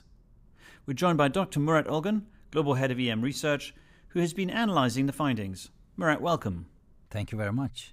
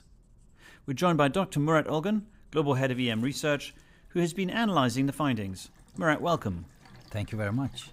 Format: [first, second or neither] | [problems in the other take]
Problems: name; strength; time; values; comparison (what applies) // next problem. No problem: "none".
first | household noises; faint; throughout; 30 dB below the speech